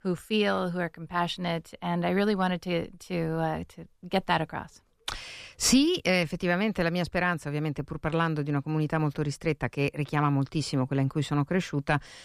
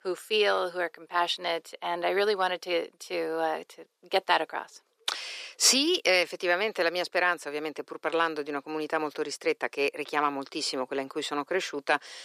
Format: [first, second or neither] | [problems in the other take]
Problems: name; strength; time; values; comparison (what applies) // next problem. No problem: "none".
first | thin; very; fading below 400 Hz